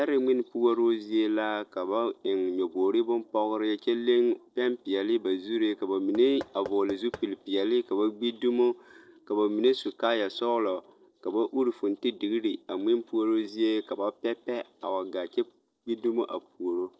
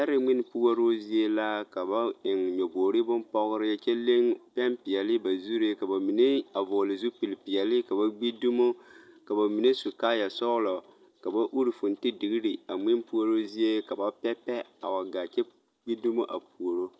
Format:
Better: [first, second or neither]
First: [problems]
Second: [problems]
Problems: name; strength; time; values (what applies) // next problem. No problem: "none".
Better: second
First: noise reduction (neural separator model SepFormer DNS4)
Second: none